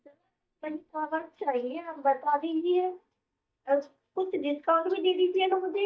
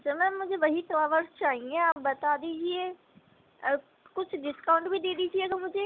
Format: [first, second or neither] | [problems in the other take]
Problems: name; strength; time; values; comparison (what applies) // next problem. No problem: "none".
second | noise reduction (neural mask model DeepFilterNet 3)